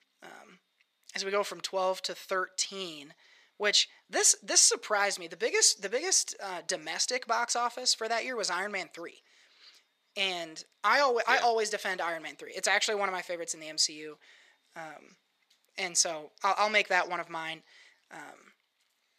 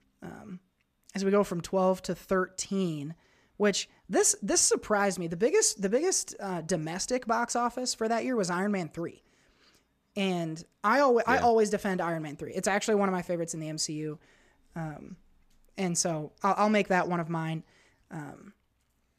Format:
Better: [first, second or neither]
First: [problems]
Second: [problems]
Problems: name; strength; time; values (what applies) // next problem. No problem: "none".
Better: second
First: thin; very; fading below 550 Hz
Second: none